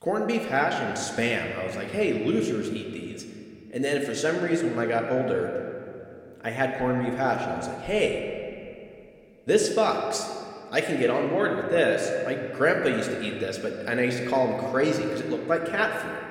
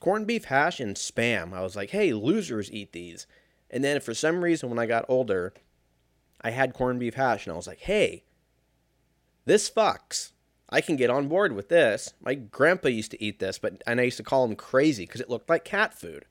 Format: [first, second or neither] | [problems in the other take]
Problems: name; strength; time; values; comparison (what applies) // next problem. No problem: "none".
second | room echo; slight; dies away in 2.1 s